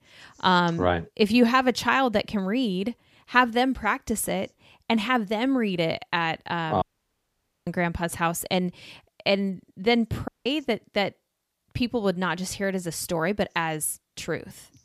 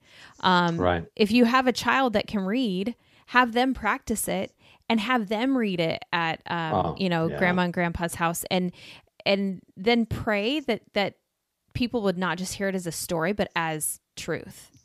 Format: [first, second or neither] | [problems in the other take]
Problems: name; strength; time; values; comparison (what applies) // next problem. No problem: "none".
second | audio cutting out; at 7 s for 1 s and at 10 s